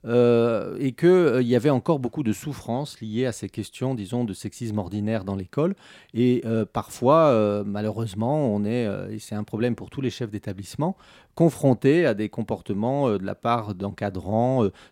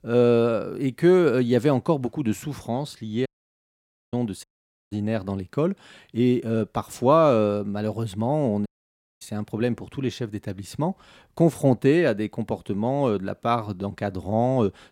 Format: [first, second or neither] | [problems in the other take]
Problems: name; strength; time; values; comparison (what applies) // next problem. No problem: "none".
first | audio cutting out; at 3.5 s for 1 s, at 4.5 s and at 8.5 s for 0.5 s